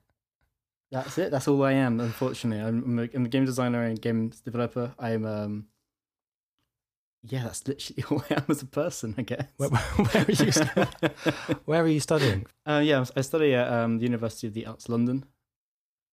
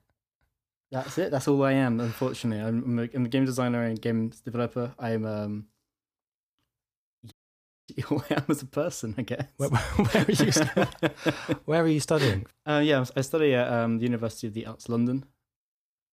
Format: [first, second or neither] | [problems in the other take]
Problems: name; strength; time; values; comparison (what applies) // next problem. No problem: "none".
first | audio cutting out; at 7.5 s for 0.5 s